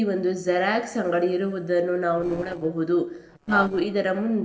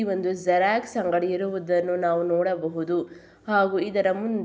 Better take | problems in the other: second | noise reduction (neural separator model SepFormer DNS4)

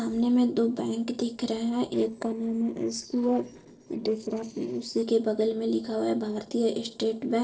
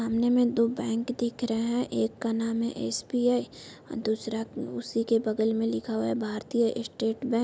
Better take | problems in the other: second | noise reduction (neural separator model SepFormer DNS4)

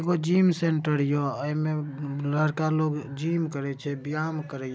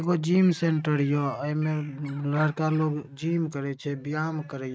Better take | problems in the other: first | noise reduction (neural mask model RNNoise)

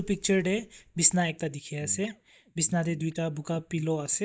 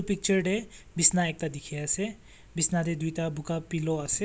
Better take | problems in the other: second | noise reduction (neural mask model DeepFilterNet 3)

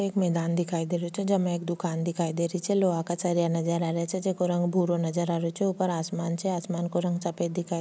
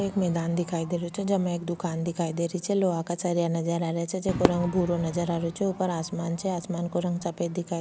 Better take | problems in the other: first | background sound (Crowd / Fireworks); 10 dB below the speech

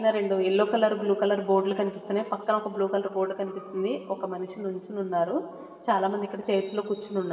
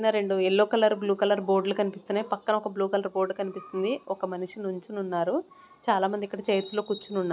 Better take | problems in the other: second | room echo; dies away in 2.4 s

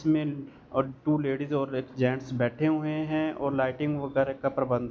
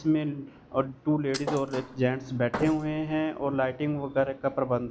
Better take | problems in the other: first | background sound (Thump, thud); 10 dB below the speech

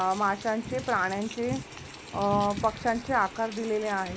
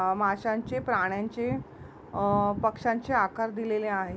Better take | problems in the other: second | background sound (Rain); 17 dB below the speech

